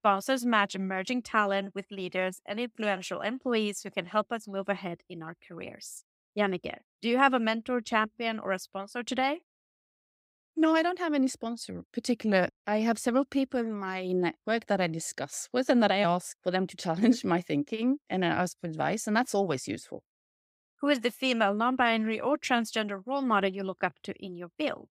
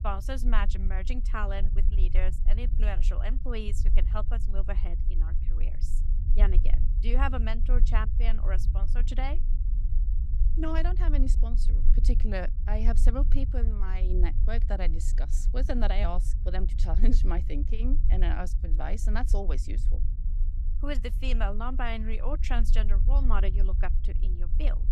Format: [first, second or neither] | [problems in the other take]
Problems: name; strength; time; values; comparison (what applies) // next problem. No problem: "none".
first | low rumble; noticeable; throughout; 15 dB below the speech